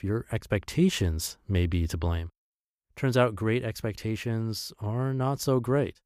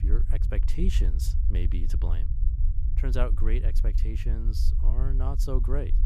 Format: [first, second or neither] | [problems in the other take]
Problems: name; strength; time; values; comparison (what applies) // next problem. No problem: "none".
first | low rumble; loud; throughout; 9 dB below the speech